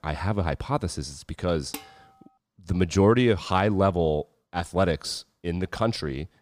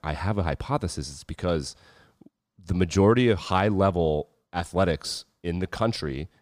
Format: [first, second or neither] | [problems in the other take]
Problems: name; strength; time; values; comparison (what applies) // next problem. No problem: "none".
second | clattering dishes; faint; at 1.5 s; peak 15 dB below the speech